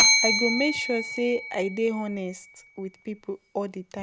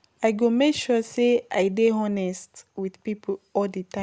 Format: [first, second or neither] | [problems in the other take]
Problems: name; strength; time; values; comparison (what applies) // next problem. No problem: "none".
second | background sound (Bell); 1 dB above the speech